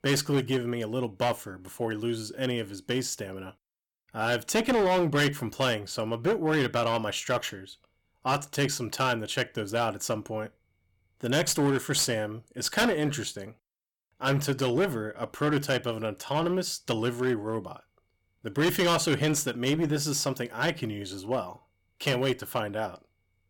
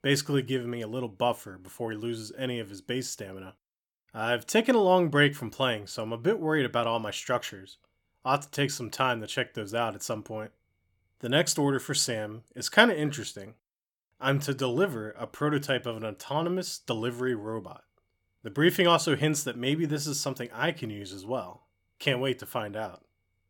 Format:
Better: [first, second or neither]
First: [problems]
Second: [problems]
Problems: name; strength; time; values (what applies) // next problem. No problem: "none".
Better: second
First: distortion; heavy; 8% of the sound clipped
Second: none